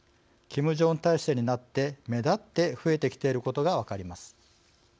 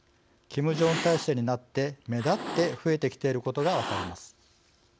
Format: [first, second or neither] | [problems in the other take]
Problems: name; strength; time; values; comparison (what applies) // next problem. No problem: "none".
first | background sound (Cat); 10 dB below the speech